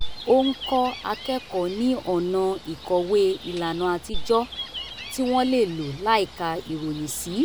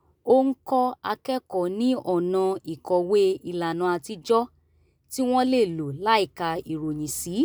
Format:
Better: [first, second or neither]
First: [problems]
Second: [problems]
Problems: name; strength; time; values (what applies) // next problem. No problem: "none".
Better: second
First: background sound (Gull, seagull); 10 dB below the speech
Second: none